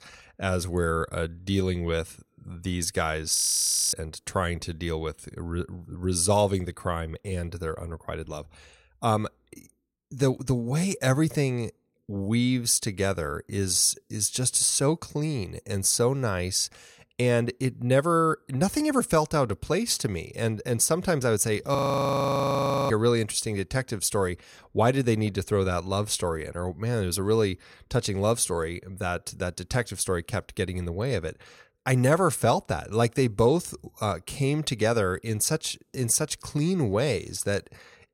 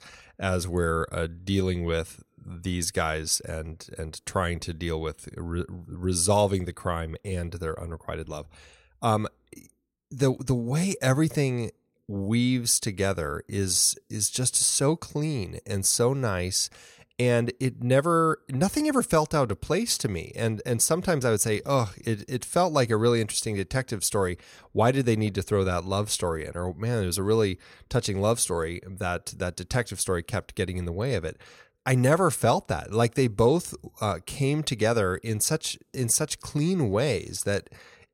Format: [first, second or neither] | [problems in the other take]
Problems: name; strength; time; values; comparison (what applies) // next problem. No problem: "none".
second | audio freezing; at 3.5 s for 0.5 s and at 22 s for 1 s